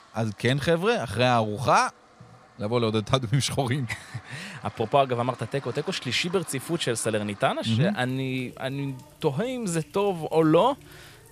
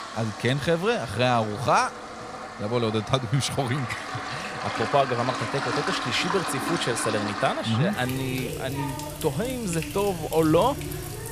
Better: first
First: household noises; faint; throughout; 25 dB below the speech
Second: household noises; loud; throughout; 6 dB below the speech

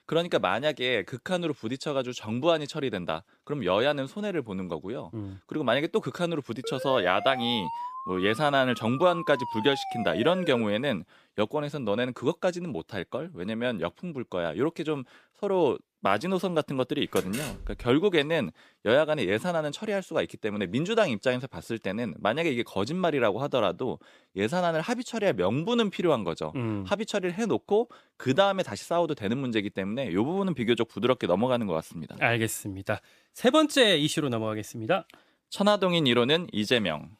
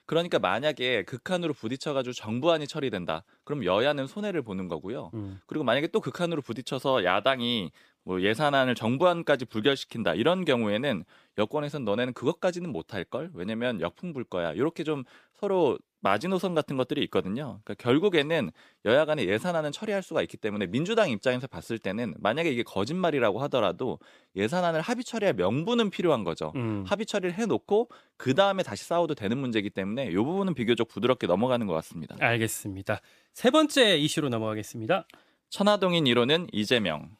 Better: second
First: siren; noticeable; from 6.5 to 11 s; peak 7 dB below the speech // door banging; noticeable; at 17 s; peak 9 dB below the speech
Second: none

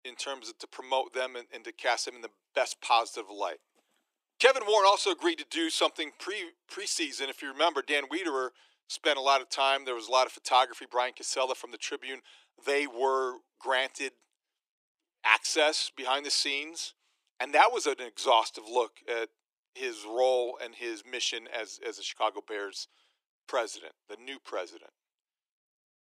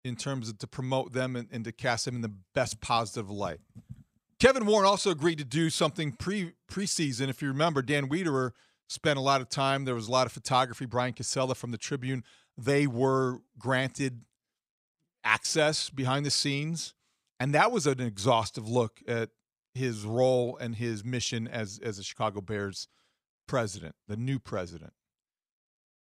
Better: second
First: thin; very; fading below 300 Hz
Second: none

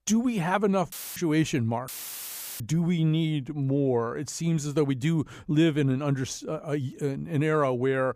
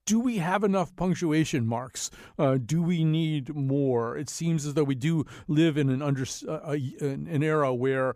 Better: second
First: audio cutting out; filled with static; at 1 s and at 2 s for 0.5 s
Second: none

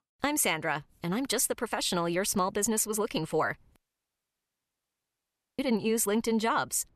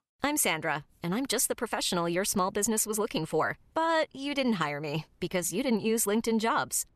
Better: second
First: audio cutting out; at 4 s for 2 s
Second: none

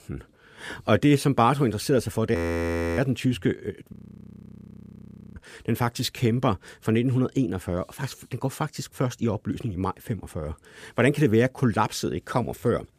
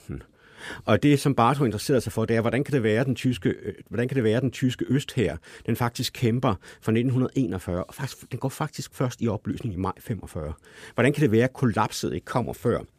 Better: second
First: audio freezing; at 2.5 s for 0.5 s and at 4 s for 1.5 s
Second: none

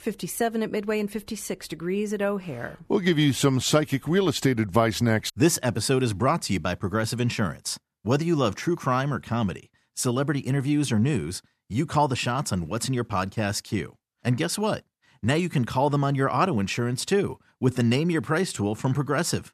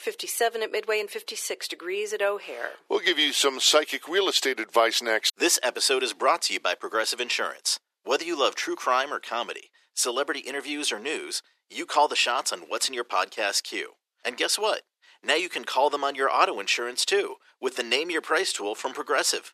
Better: first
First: none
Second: thin; very; fading below 400 Hz

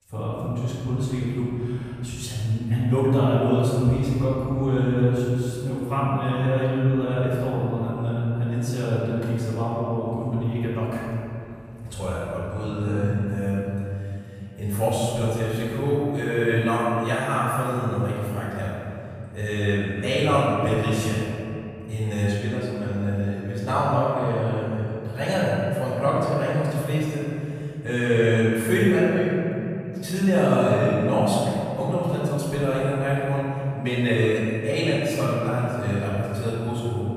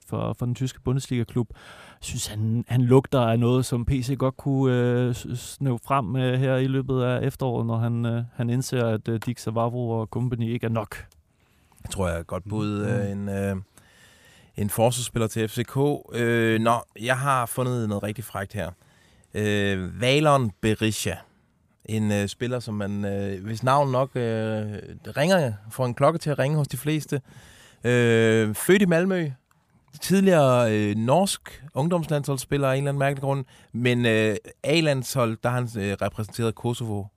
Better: second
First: off-mic speech; far // room echo; strong; dies away in 2.8 s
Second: none

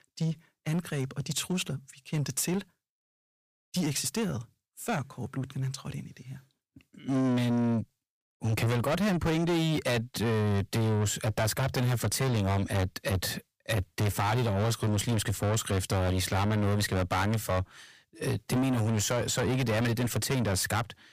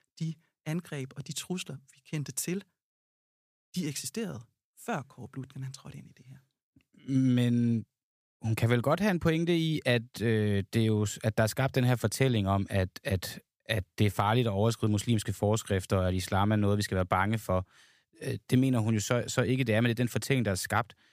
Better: second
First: distortion; heavy; 6 dB below the speech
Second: none

